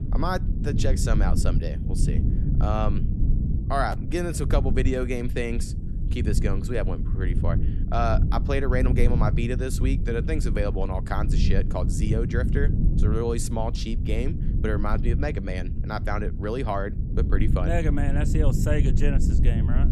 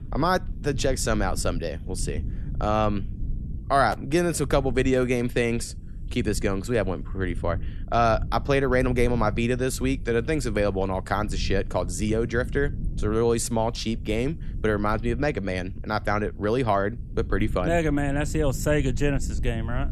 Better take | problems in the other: second | low rumble; loud; throughout; 8 dB below the speech; faint in the second

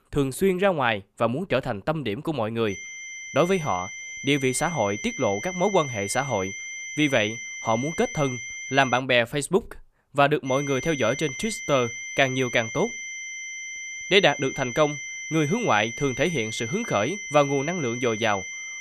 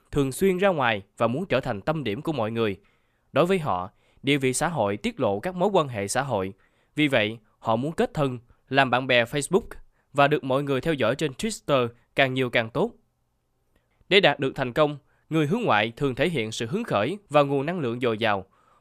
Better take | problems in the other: second | high-pitched whine; loud; from 2.5 to 9 s and from 10 s on; 2 kHz, 8 dB below the speech

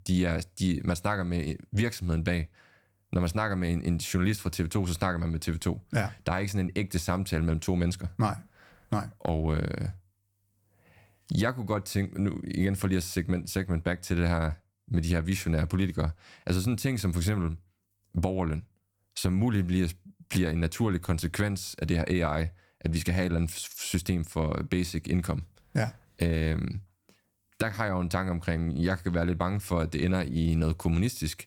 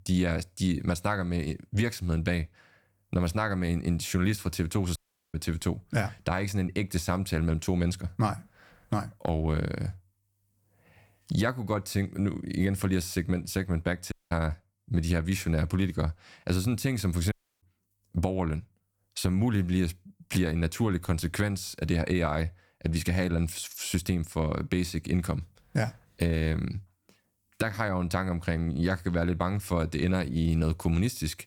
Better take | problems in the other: first | audio cutting out; at 5 s, at 14 s and at 17 s

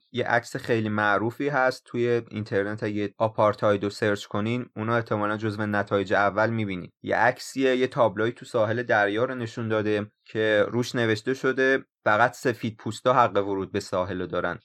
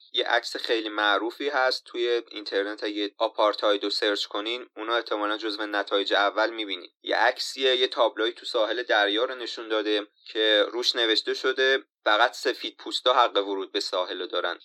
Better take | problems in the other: first | thin; very; fading below 300 Hz

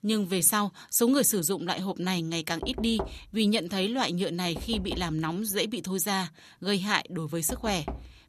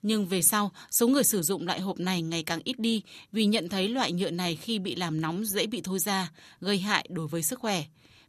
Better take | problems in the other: second | door banging; noticeable; from 2.5 s on; peak 9 dB below the speech

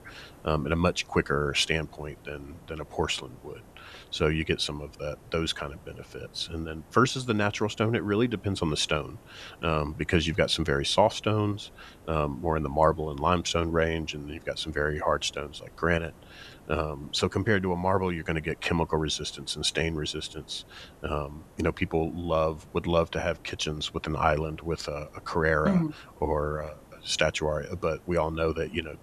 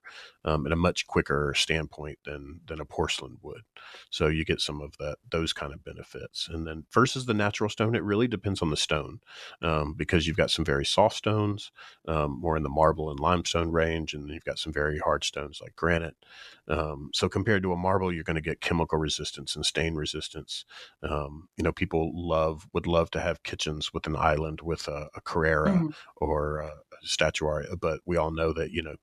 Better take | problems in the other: second | hiss; faint; throughout; 25 dB below the speech

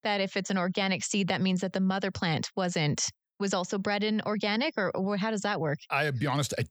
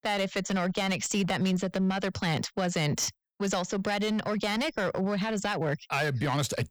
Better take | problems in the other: first | distortion; slight; 11% of the sound clipped

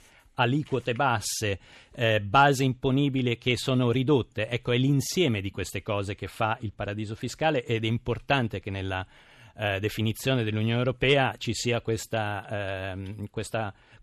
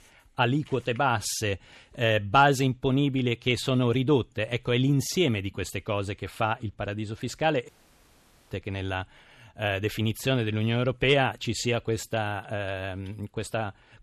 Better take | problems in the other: first | audio cutting out; at 7.5 s for 1 s

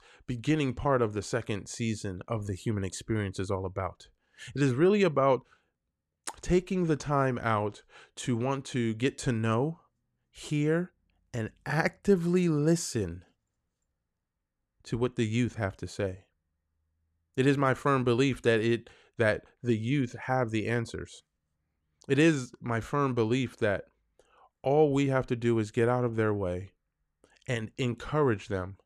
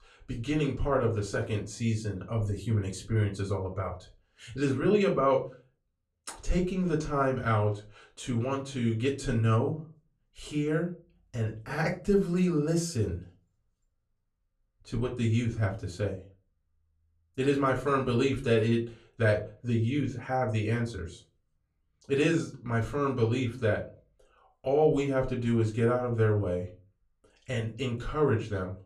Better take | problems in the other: first | off-mic speech; far // room echo; very slight; dies away in 0.3 s

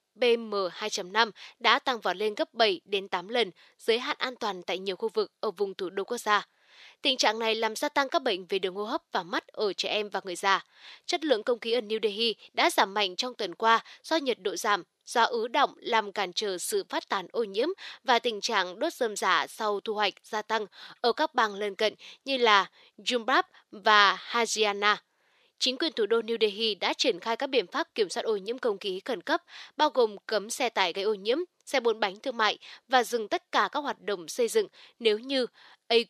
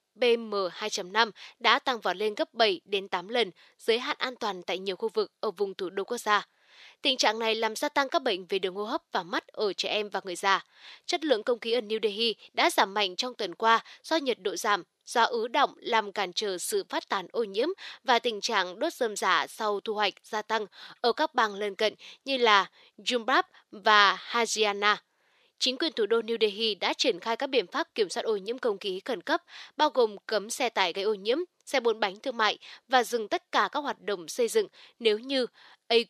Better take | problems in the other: neither | thin; somewhat; fading below 500 Hz; the same in both

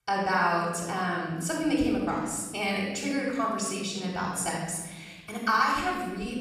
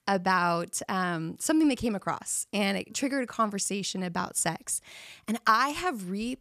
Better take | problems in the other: second | off-mic speech; far // room echo; noticeable; dies away in 1.3 s

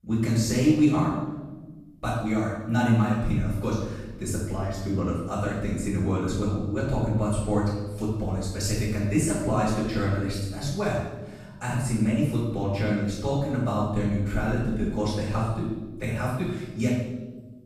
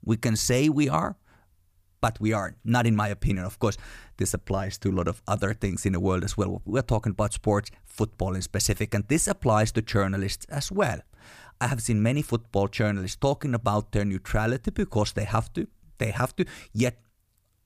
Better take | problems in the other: second | off-mic speech; far // room echo; strong; dies away in 1.1 s

